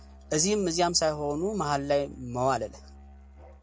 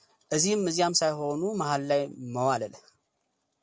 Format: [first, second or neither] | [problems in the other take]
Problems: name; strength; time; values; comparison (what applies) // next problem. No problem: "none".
second | background sound (Musical instrument); 19 dB below the speech